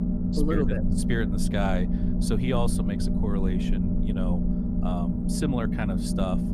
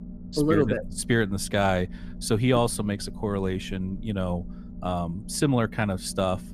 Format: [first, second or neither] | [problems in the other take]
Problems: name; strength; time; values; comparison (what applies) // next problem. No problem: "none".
second | low rumble; loud; throughout; 2 dB below the speech; faint in the second